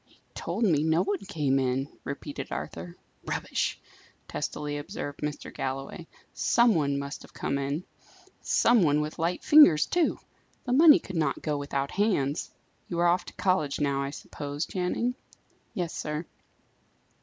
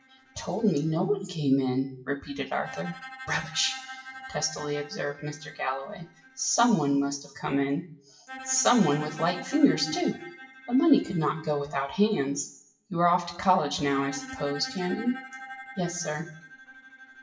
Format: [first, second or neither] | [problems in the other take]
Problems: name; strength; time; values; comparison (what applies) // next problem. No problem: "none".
first | noise reduction (classical method WPE with log-MMSE)